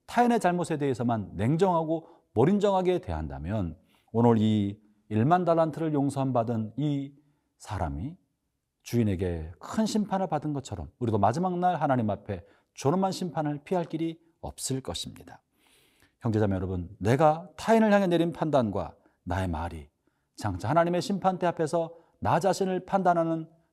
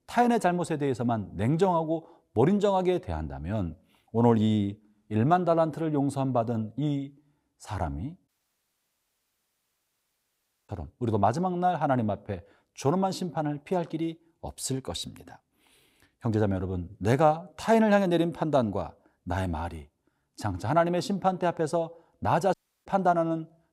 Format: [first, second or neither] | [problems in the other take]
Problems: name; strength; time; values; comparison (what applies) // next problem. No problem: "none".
first | audio cutting out; at 8.5 s for 2.5 s and at 23 s